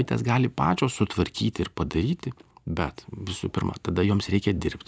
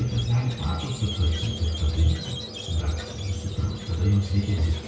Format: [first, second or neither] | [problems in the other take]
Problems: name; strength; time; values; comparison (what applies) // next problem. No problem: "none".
first | background sound (Squeak); 12 dB below the speech // room echo; dies away in 0.6 s